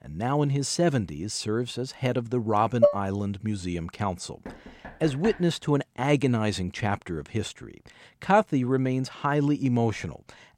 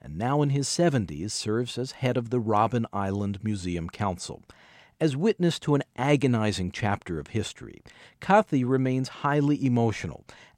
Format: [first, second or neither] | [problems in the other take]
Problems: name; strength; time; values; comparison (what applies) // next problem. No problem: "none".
second | clattering dishes; loud; at 3 s; peak 4 dB above the speech // door banging; faint; at 4.5 s; peak 10 dB below the speech